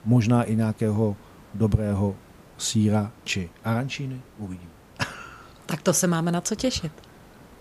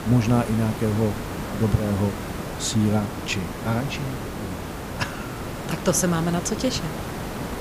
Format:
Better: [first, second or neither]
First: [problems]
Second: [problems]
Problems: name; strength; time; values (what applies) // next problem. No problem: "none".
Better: first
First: hiss; faint; throughout; 25 dB below the speech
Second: hiss; loud; throughout; 7 dB below the speech